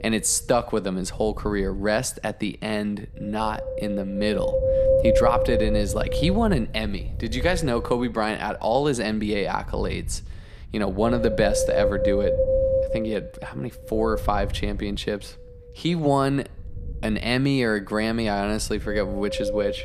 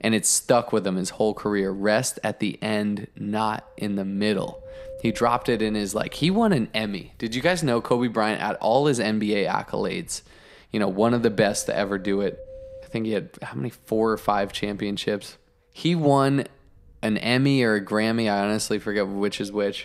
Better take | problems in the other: second | wind noise on the microphone; heavy; 1 dB above the speech; occasional gusts in the second

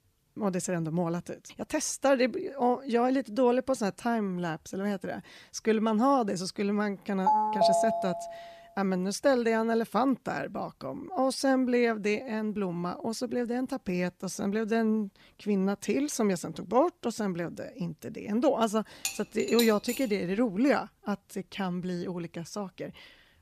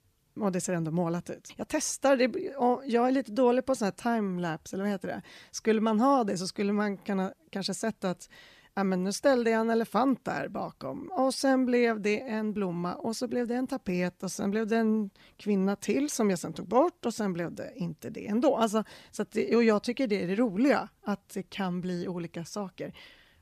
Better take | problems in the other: second | phone ringing; loud; from 7.5 to 8.5 s; peak 5 dB above the speech // clattering dishes; noticeable; at 19 s; peak 4 dB below the speech

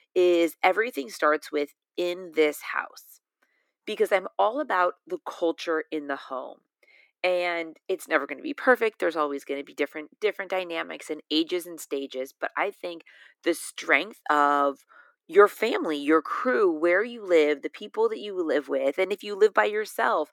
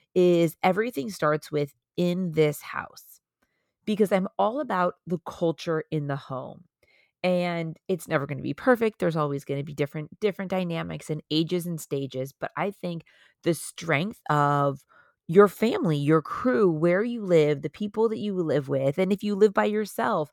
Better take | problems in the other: second | thin; somewhat; fading below 300 Hz

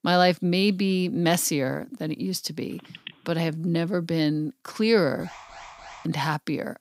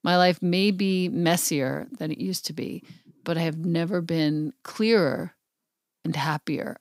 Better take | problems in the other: second | phone ringing; faint; at 3 s; peak 15 dB below the speech // alarm; faint; at 5 s; peak 15 dB below the speech

